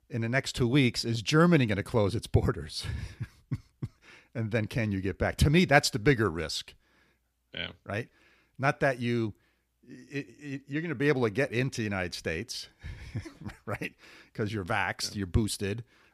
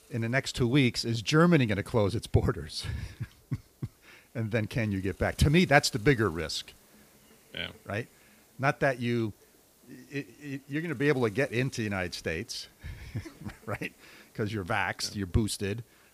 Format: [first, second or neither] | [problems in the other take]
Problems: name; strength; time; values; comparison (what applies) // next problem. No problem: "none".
first | hiss; faint; throughout; 30 dB below the speech